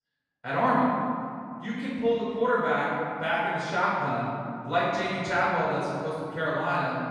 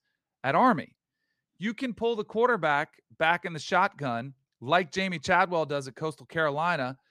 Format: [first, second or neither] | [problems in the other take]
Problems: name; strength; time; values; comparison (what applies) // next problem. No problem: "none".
second | off-mic speech; far // room echo; strong; dies away in 2.5 s